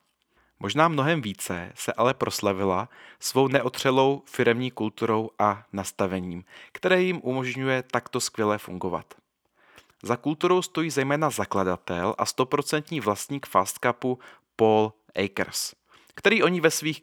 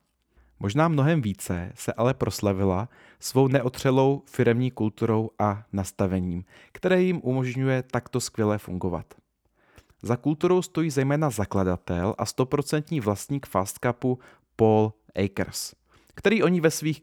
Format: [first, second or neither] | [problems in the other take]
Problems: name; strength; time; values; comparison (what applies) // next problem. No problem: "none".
second | thin; very slightly; fading below 350 Hz